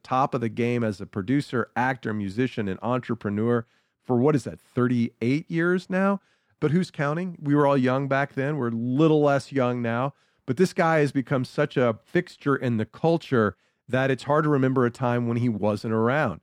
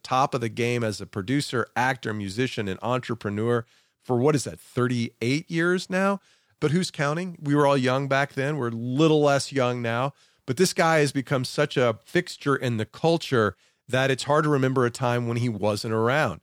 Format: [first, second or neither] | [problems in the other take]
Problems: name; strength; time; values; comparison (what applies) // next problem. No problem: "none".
second | muffled; slightly; fading above 3 kHz